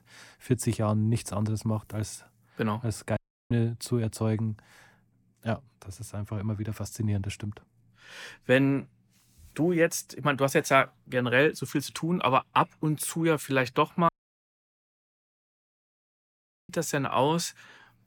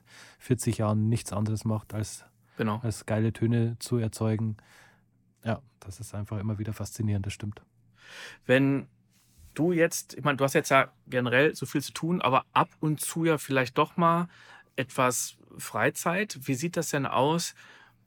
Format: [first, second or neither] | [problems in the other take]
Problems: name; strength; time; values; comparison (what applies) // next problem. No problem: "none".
second | audio cutting out; at 3 s and at 14 s for 2.5 s